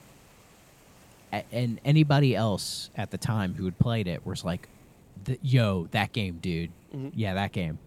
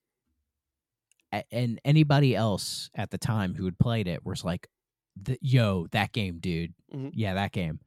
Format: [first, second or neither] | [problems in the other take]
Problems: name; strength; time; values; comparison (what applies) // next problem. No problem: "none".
second | hiss; faint; throughout; 25 dB below the speech